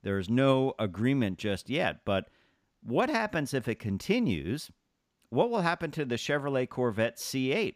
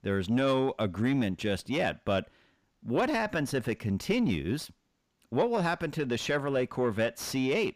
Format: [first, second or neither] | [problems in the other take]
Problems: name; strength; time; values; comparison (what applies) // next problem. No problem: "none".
first | distortion; slight; 10 dB below the speech